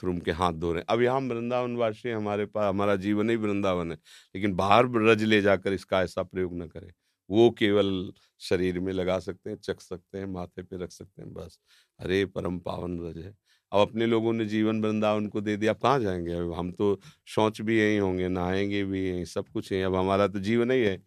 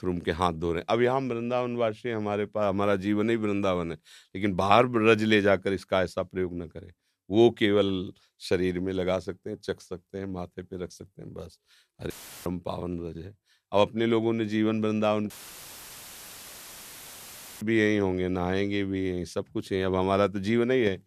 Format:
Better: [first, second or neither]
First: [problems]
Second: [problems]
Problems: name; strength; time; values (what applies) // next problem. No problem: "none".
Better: first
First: none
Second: audio cutting out; filled with static; at 12 s and at 15 s for 2.5 s